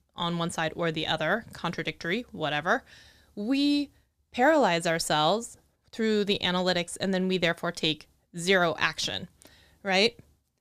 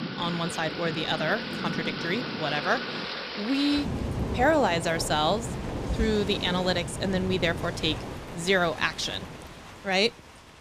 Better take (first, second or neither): first